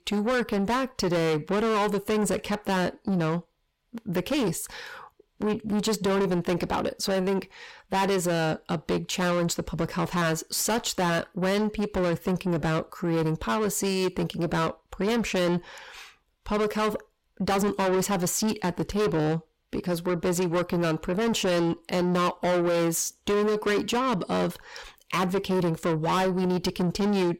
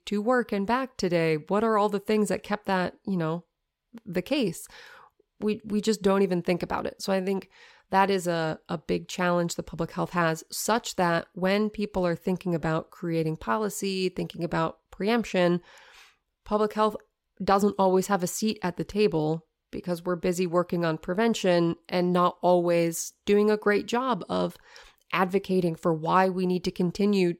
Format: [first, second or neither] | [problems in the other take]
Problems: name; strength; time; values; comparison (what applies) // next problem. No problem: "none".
second | distortion; heavy; 6 dB below the speech